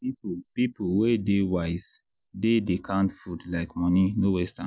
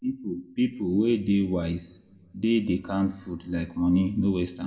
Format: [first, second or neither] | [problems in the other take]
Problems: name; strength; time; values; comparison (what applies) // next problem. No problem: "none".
first | room echo; dies away in 0.6 s